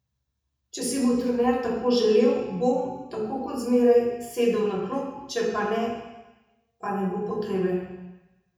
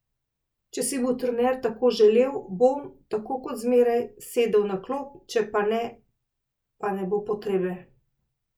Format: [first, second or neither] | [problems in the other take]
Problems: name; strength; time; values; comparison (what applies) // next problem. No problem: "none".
second | room echo; dies away in 1 s